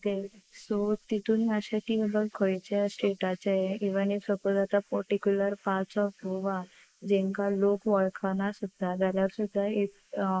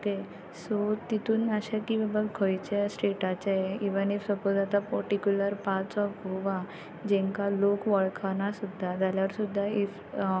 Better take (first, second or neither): second